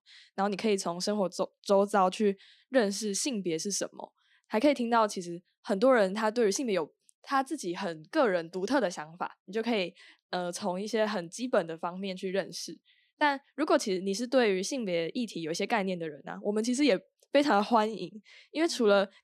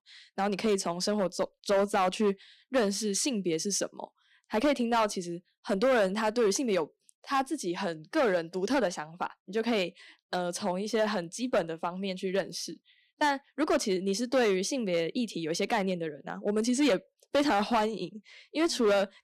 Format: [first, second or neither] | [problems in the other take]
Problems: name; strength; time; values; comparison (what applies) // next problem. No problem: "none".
first | distortion; slight; 5% of the sound clipped